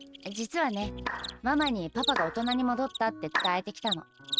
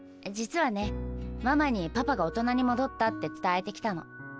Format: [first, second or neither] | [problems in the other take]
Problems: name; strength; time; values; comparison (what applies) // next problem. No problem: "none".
second | noise reduction (neural mask model RNNoise)